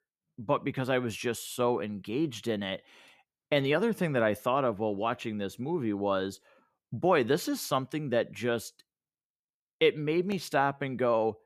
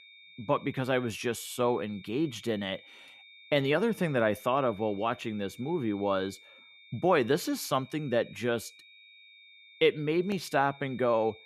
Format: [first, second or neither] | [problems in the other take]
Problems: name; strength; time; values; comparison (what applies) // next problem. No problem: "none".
first | high-pitched whine; faint; throughout; 3.5 kHz, 20 dB below the speech